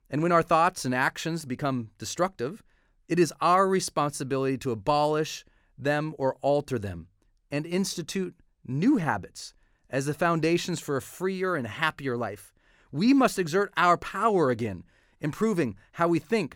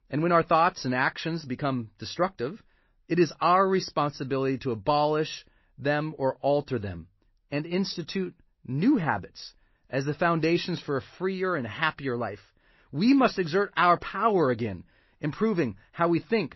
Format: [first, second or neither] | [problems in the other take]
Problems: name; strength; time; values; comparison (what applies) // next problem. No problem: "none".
first | garbled, watery; slightly; nothing above 5.5 kHz